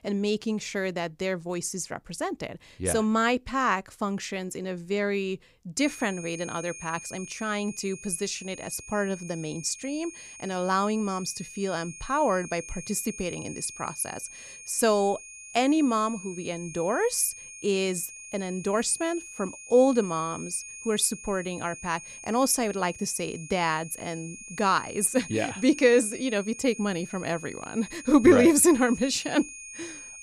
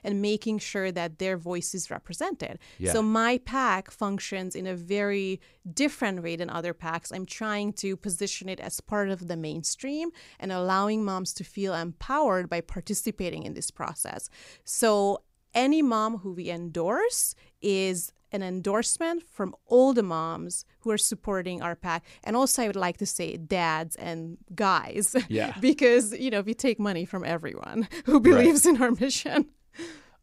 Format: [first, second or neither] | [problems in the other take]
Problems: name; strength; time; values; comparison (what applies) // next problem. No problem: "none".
second | high-pitched whine; noticeable; from 6 s on; 2.5 kHz, 15 dB below the speech